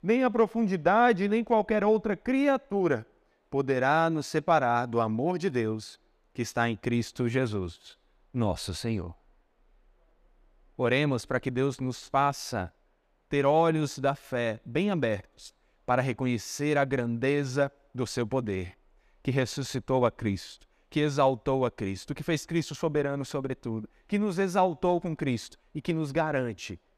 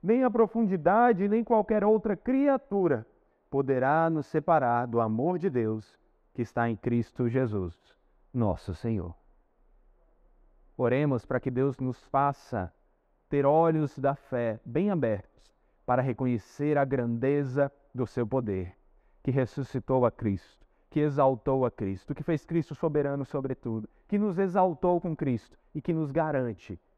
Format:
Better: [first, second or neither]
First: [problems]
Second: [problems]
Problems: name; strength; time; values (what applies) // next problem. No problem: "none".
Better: first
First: none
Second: muffled; very; fading above 2.5 kHz